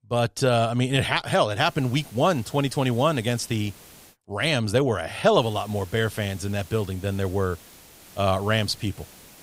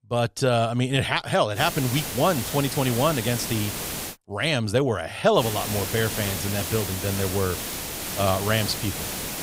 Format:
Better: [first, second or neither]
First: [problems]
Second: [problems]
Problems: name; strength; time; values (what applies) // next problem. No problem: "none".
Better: first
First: hiss; faint; from 1.5 to 4 s and from 5.5 s on; 20 dB below the speech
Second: hiss; loud; from 1.5 to 4 s and from 5.5 s on; 5 dB below the speech